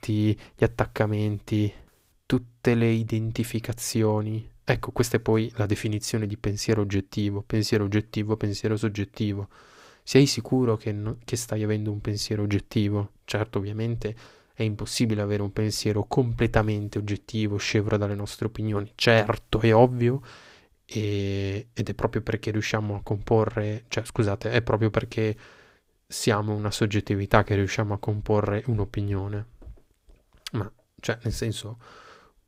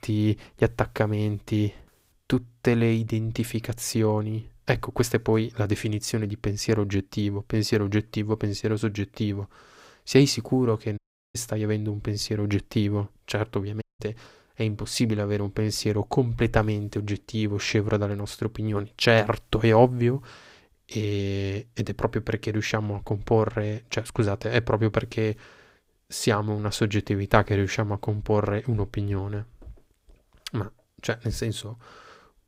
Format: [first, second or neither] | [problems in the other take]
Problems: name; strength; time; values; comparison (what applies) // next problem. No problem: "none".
first | audio cutting out; at 11 s and at 14 s